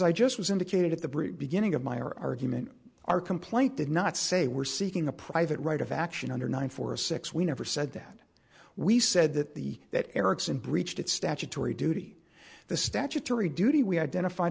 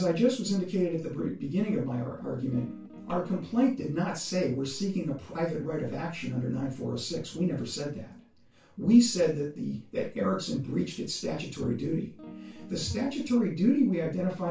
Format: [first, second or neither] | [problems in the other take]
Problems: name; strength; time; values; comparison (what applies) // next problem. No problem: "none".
first | background sound (Guitar); 16 dB below the speech // room echo; dies away in 0.2 s